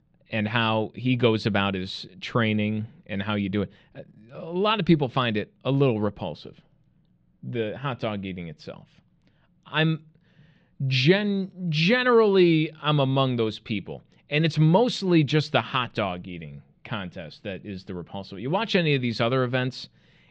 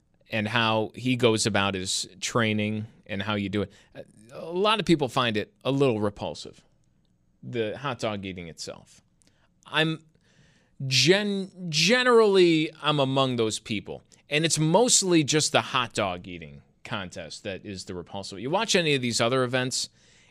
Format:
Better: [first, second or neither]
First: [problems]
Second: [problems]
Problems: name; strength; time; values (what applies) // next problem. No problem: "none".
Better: second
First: muffled; slightly; fading above 3.5 kHz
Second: none